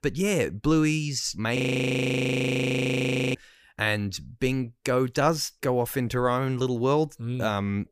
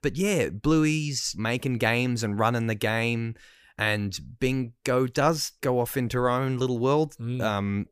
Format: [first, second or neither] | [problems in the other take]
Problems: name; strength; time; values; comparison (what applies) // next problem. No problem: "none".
second | audio freezing; at 1.5 s for 2 s